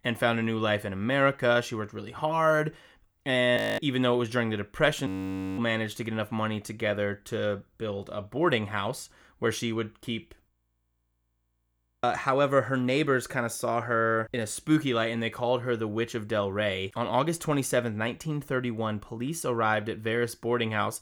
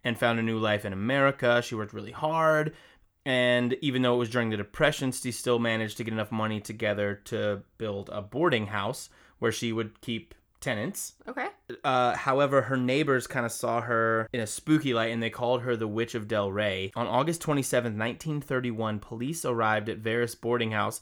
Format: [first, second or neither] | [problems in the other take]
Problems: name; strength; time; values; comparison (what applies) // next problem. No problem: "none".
second | audio freezing; at 3.5 s, at 5 s for 0.5 s and at 10 s for 1.5 s